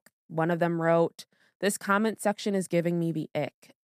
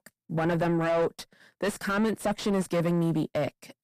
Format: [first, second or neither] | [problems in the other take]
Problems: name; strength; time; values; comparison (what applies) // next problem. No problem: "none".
first | distortion; heavy; 5 dB below the speech